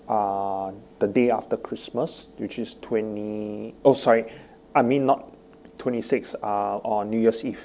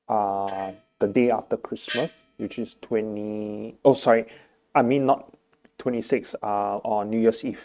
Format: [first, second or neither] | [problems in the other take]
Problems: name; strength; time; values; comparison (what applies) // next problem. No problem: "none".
first | noise reduction (neural mask model RNNoise)